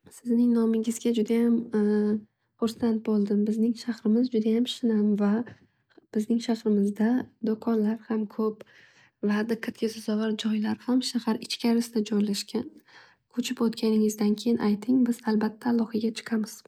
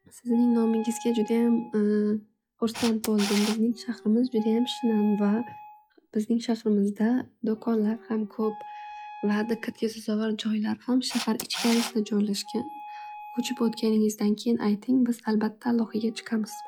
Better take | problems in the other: first | noise reduction (classical method log-MMSE)

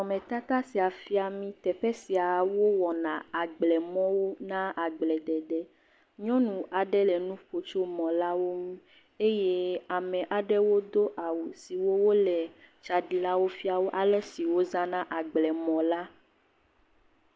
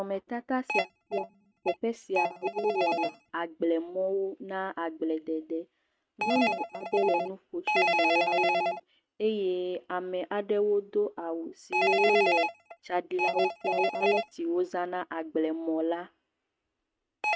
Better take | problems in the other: first | noise reduction (neural mask model RNNoise)

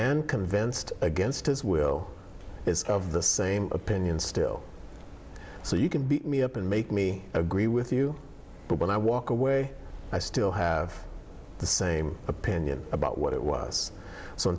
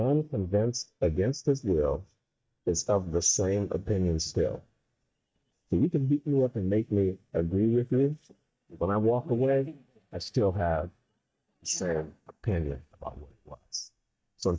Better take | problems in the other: first | noise reduction (neural mask model DeepFilterNet 3)

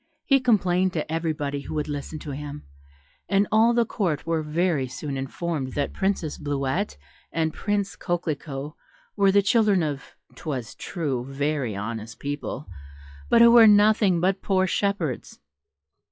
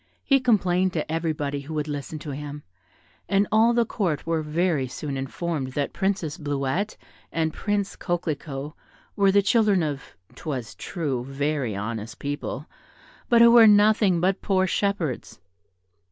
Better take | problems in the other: second | noise reduction (classical method log-MMSE)

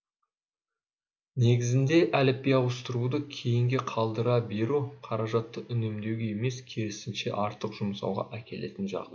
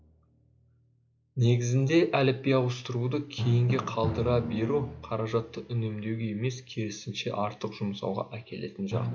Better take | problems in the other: first | background sound (Drum); 10 dB below the speech

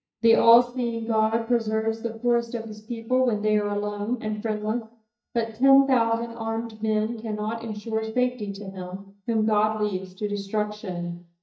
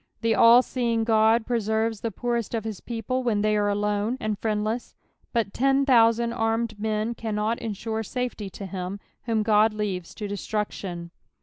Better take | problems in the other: second | noise reduction (neural mask model DeepFilterNet 3)

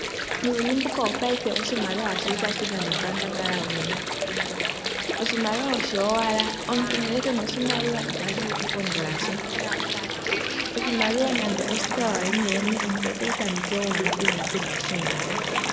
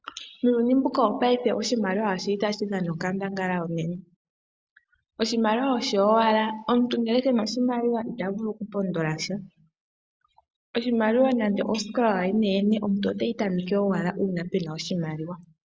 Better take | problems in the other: second | background sound (Water); as loud as the speech

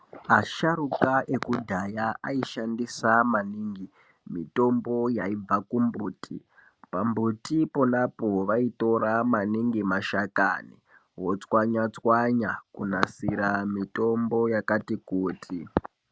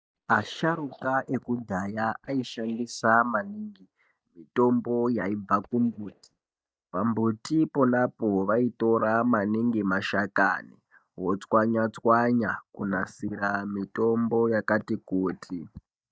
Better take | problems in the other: first | noise reduction (neural mask model DeepFilterNet 3)

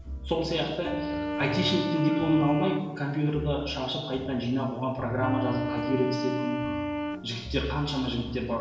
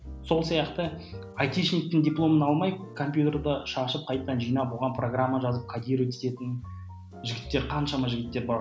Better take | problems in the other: second | background sound (Wind instrument, woodwind instrument); 5 dB below the speech // room echo; dies away in 1 s

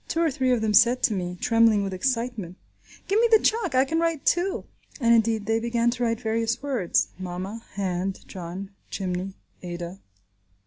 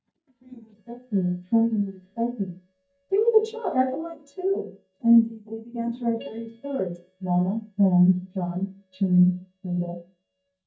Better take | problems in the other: first | noise reduction (neural mask model DeepFilterNet 3)

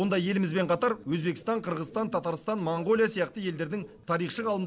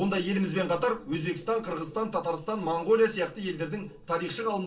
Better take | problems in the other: first | room echo; dies away in 0.3 s

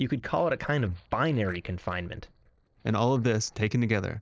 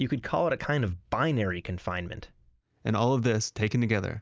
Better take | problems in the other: second | noise reduction (neural separator model SepFormer DNS4)

